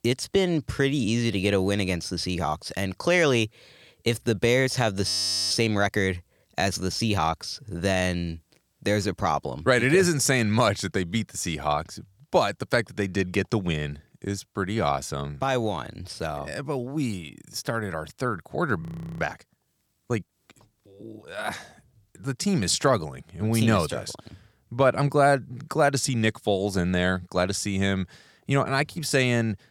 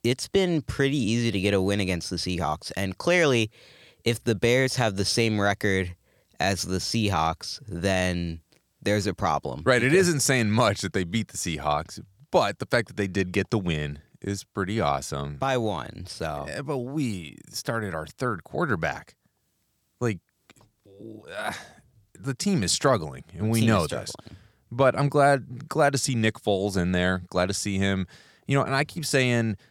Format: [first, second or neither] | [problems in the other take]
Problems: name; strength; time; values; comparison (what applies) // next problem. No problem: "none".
second | audio freezing; at 5 s and at 19 s